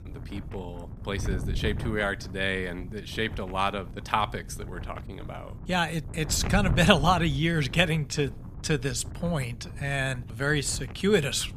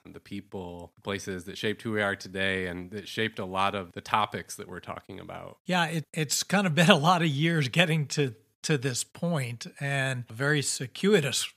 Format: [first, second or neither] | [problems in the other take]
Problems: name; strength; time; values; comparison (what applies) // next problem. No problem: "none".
second | wind noise on the microphone; occasional gusts; 20 dB below the speech